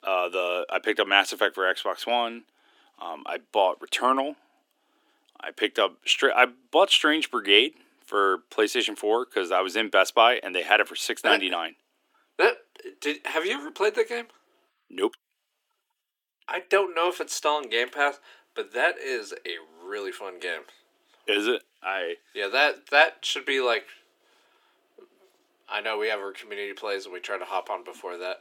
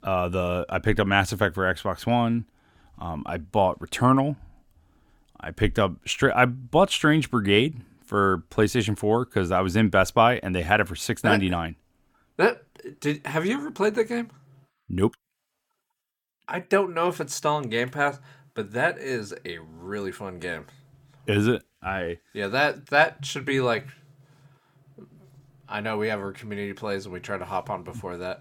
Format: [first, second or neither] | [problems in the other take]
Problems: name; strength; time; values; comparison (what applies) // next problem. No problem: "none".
second | thin; somewhat; fading below 300 Hz